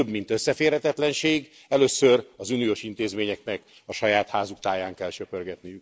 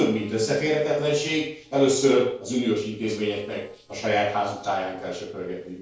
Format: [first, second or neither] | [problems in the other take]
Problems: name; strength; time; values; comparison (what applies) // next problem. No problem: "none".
first | noise reduction (neural separator model SepFormer DNS4)